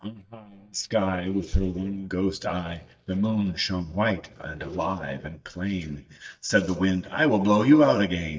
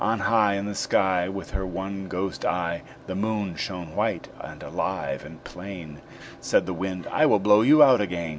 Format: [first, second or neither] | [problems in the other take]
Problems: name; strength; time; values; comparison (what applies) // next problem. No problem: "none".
second | noise reduction (neural mask model DeepFilterNet 3)